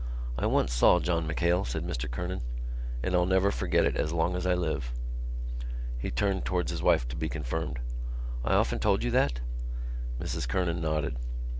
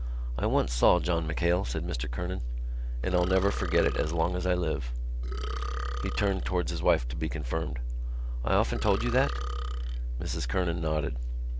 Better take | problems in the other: first | background sound (Burping, eructation); 14 dB below the speech

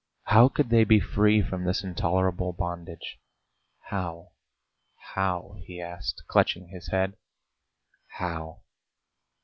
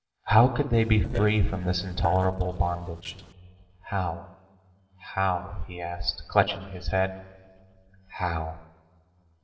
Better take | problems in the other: first | noise reduction (neural separator model SepFormer DNS4)

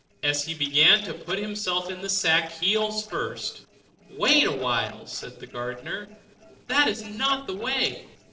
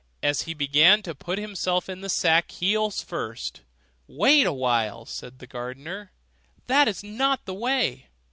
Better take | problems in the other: second | noise reduction (neural separator model SepFormer DNS4)

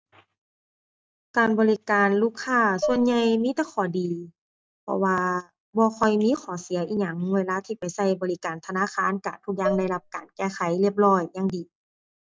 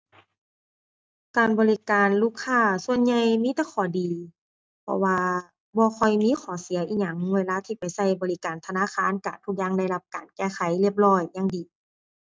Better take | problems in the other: second | background sound (Dishes, pots, and pans); 7 dB below the speech

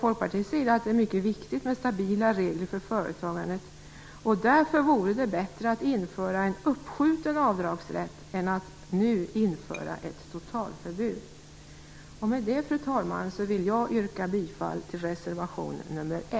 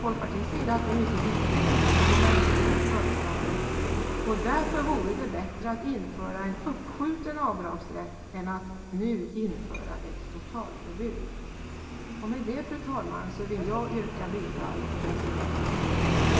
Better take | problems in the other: first | background sound (Motorcycle); 4 dB above the speech // room echo; dies away in 2.3 s

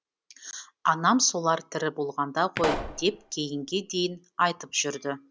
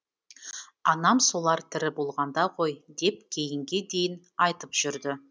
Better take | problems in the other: second | background sound (Explosion); 6 dB below the speech

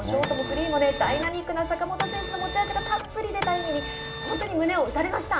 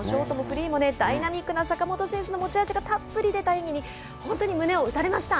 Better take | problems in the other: second | background sound (Printer); 7 dB below the speech // room echo; dies away in 0.6 s

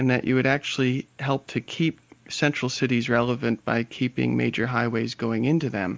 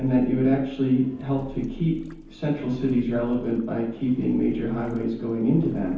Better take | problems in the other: first | background sound (Engine); 18 dB below the speech // room echo; dies away in 0.9 s

